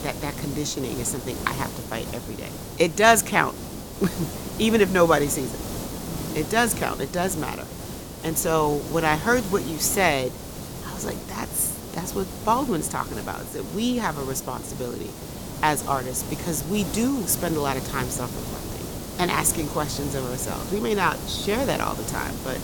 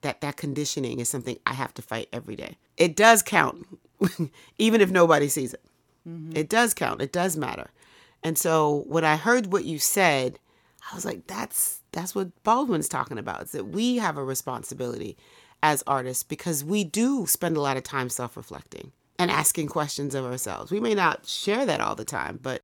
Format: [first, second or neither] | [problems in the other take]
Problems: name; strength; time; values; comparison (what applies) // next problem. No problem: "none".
second | hiss; loud; throughout; 9 dB below the speech